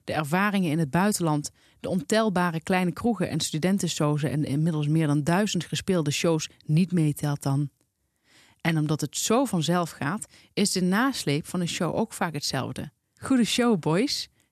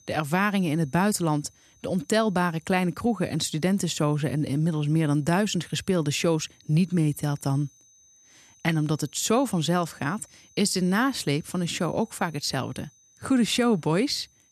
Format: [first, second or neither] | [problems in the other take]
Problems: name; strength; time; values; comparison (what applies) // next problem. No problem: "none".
first | high-pitched whine; faint; throughout; 6 kHz, 30 dB below the speech